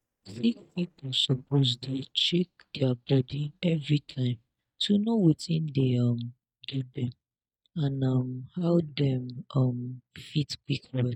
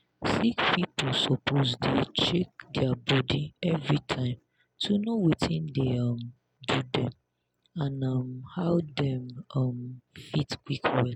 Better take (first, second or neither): second